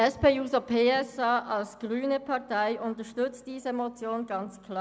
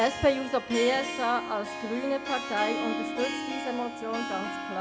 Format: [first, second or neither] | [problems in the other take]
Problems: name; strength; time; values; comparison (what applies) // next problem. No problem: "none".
first | background sound (Harp); 5 dB below the speech